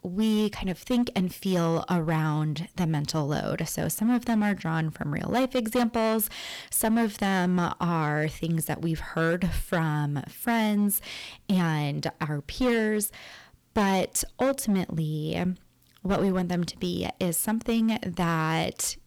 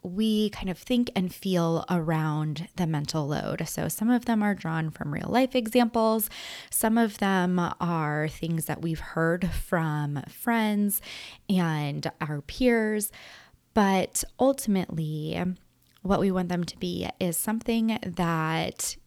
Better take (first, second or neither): second